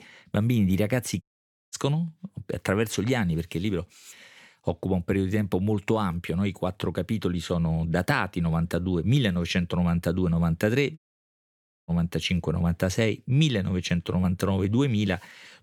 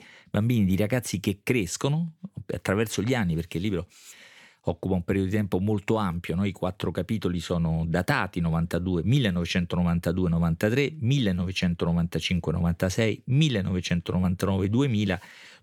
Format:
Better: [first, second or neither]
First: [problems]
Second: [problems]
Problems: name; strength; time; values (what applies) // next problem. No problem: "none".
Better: second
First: audio cutting out; at 1 s for 0.5 s and at 11 s for 1 s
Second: none